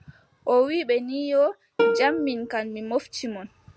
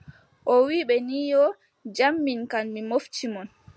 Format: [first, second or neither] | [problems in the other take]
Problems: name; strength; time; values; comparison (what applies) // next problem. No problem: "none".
second | background sound (Plucked string instrument); 3 dB below the speech